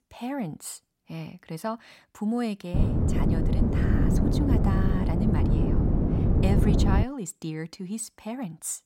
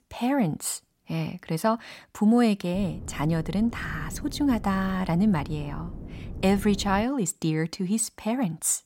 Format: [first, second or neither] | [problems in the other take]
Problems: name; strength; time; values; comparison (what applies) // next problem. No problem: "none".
second | wind noise on the microphone; heavy; from 2.5 to 7 s; 3 dB above the speech; occasional gusts in the second